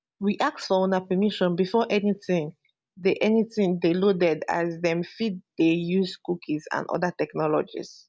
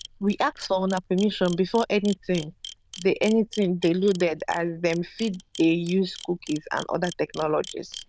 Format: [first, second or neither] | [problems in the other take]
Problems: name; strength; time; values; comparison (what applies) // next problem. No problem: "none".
first | noise reduction (neural diffusion model UNIVERSE++)